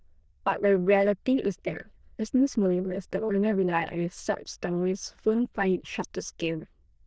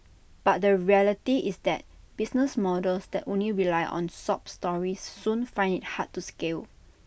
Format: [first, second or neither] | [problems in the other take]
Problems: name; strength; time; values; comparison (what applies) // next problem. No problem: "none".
second | noise reduction (neural diffusion model UNIVERSE++)